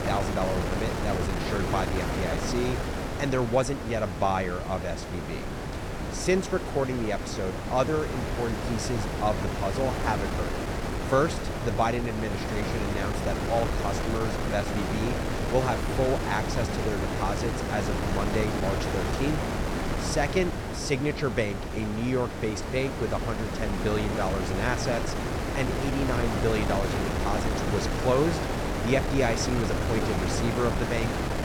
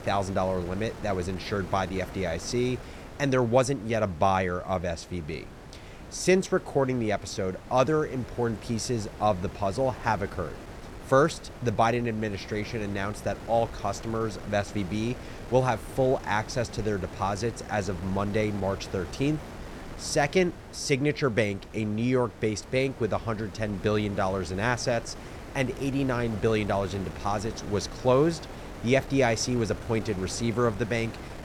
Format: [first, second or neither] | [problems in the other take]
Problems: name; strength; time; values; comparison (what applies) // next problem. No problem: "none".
second | wind noise on the microphone; heavy; 2 dB below the speech; occasional gusts in the second